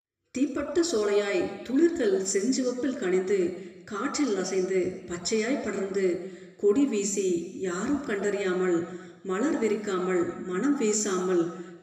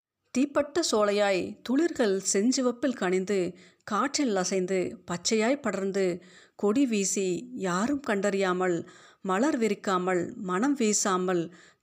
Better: second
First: room echo; noticeable; dies away in 1.1 s // off-mic speech; somewhat distant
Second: none

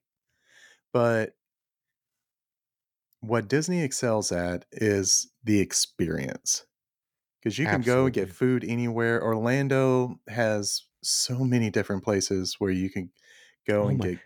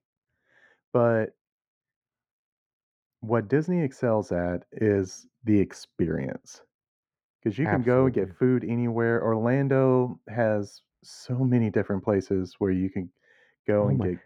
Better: first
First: none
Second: muffled; very; fading above 3 kHz

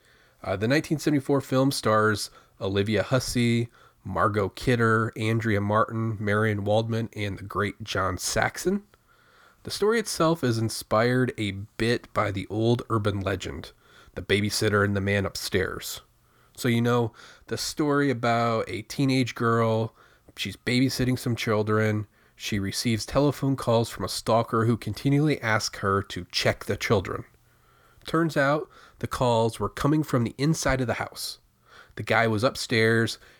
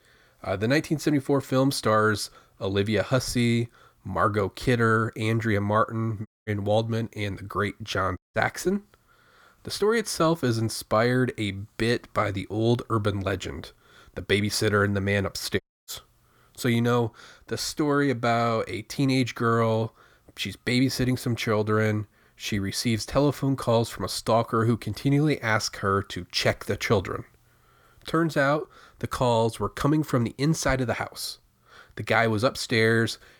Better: first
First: none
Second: audio cutting out; at 6.5 s, at 8 s and at 16 s

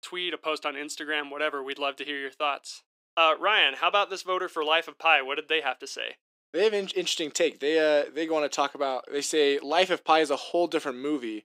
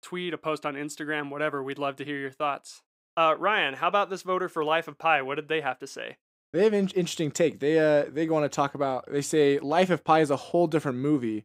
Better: second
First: thin; somewhat; fading below 300 Hz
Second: none

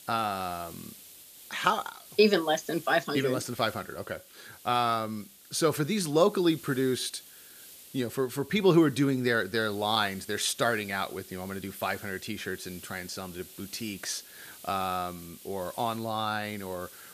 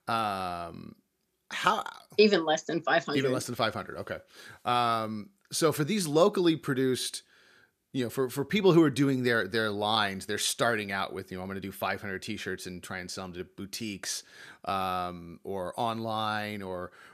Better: second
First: hiss; noticeable; throughout; 20 dB below the speech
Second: none

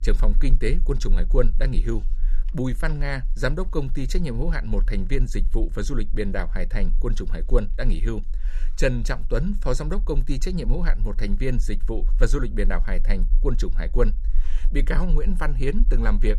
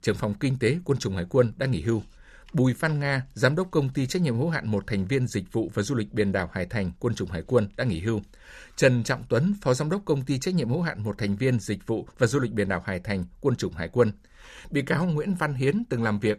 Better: second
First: low rumble; faint; throughout; 25 dB below the speech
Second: none

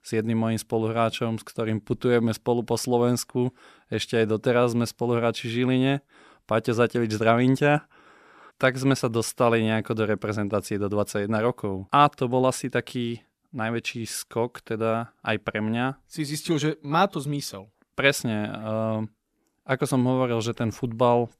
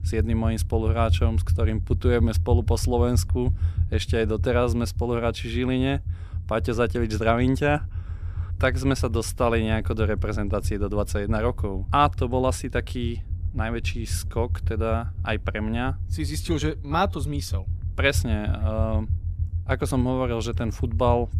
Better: first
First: none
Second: low rumble; noticeable; throughout; 20 dB below the speech

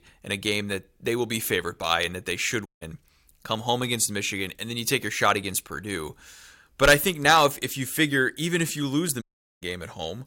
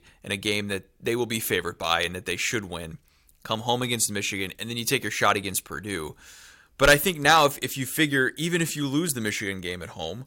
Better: second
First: audio cutting out; at 2.5 s and at 9 s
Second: none

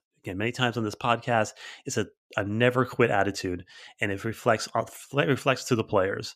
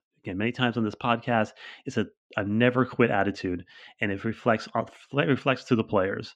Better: first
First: none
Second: muffled; slightly; fading above 3 kHz

